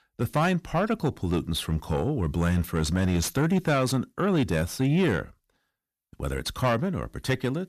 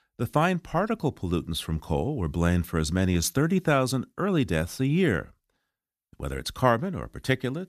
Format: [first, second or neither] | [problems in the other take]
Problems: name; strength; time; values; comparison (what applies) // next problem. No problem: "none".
second | distortion; slight; 10 dB below the speech